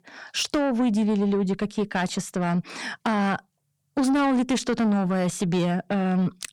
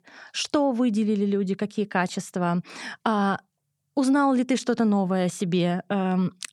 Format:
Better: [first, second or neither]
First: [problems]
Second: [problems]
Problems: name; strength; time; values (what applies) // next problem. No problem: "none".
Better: second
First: distortion; slight; 10 dB below the speech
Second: none